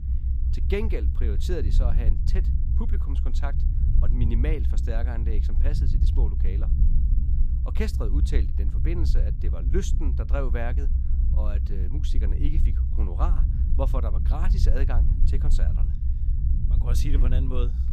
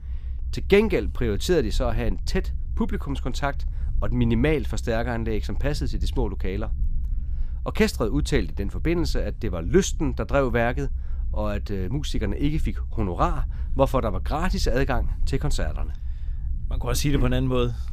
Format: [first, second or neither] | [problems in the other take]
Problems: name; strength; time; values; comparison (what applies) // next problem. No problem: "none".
second | low rumble; loud; throughout; 6 dB below the speech; faint in the second